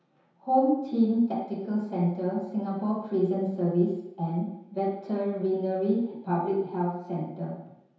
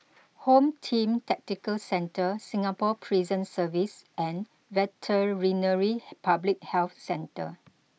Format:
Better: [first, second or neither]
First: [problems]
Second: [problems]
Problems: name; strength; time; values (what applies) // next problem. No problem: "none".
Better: second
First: room echo; dies away in 0.9 s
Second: none